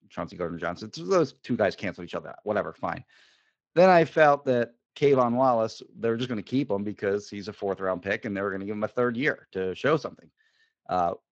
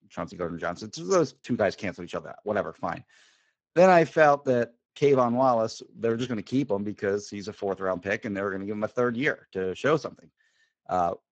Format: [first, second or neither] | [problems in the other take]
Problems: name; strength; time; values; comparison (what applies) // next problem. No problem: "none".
first | garbled, watery; badly; slightly in the first